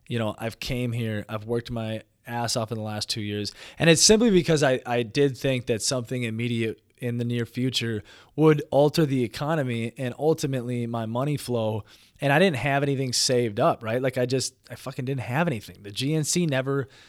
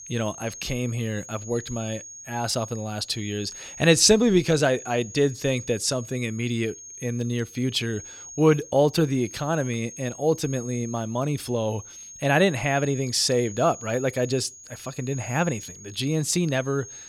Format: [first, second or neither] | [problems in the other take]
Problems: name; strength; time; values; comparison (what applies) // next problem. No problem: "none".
first | high-pitched whine; noticeable; throughout; 6.5 kHz, 15 dB below the speech